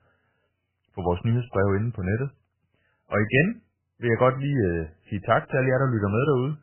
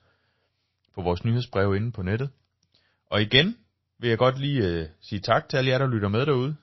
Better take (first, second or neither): second